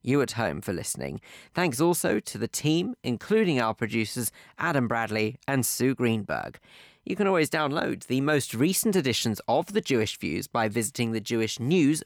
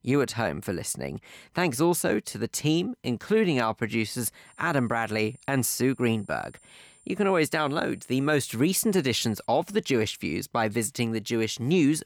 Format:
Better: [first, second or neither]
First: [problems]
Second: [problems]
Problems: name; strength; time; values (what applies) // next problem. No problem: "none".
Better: first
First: none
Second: high-pitched whine; faint; from 4.5 to 9.5 s; 9 kHz, 30 dB below the speech